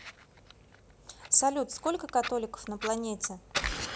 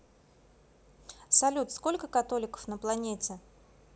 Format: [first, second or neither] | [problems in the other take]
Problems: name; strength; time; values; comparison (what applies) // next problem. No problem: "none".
second | background sound (Fire); 9 dB below the speech